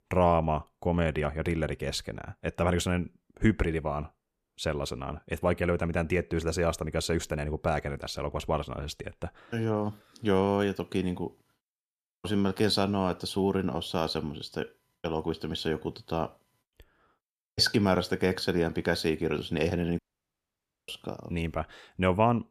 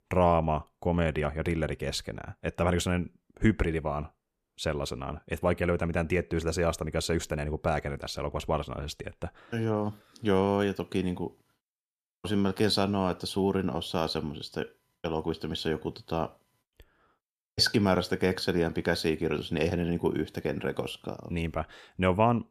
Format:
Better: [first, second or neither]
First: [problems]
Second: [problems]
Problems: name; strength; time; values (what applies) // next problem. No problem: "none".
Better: second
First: audio cutting out; at 20 s for 1 s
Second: none